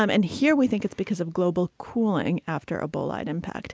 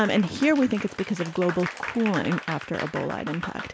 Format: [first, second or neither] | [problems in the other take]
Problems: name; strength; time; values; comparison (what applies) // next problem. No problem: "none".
first | background sound (Applause); 10 dB below the speech